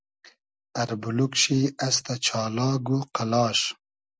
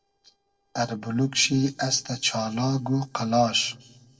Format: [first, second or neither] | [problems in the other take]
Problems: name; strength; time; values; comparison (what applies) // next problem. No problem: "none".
first | noise reduction (neural separator model SepFormer DNS4)